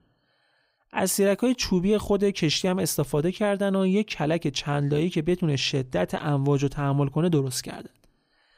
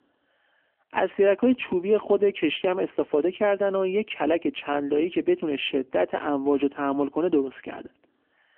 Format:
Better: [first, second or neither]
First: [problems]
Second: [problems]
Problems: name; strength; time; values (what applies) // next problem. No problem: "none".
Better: first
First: none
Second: phone-call audio; nothing above 3 kHz